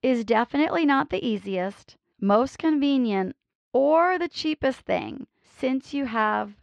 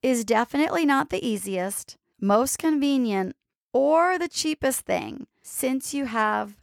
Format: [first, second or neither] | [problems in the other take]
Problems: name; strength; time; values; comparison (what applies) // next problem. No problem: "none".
second | muffled; slightly; fading above 4 kHz